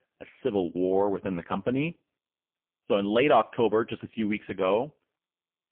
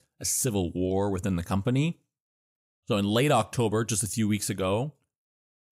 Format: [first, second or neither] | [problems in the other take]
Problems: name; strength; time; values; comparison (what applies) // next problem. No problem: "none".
second | phone-call audio; poor line; nothing above 3.5 kHz